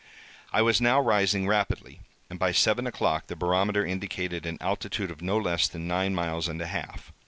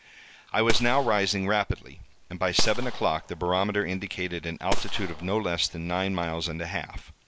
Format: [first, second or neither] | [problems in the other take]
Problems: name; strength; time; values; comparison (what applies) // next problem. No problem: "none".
first | background sound (Gunshot, gunfire); 2 dB below the speech